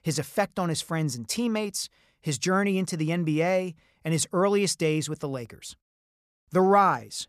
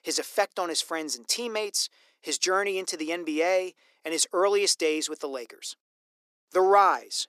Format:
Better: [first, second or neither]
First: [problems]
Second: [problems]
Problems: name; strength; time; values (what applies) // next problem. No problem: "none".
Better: first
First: none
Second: thin; very; fading below 300 Hz